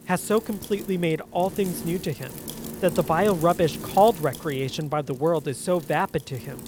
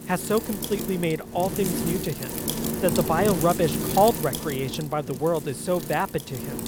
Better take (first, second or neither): first